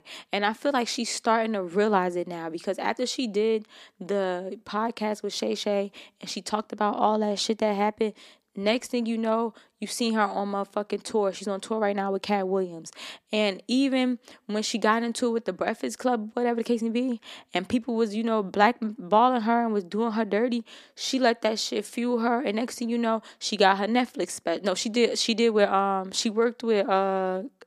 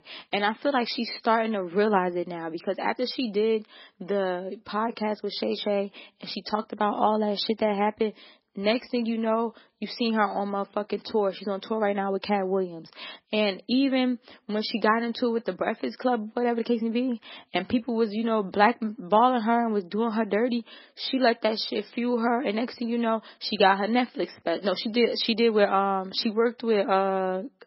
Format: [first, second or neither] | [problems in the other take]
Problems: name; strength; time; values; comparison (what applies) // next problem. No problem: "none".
first | garbled, watery; badly; nothing above 5.5 kHz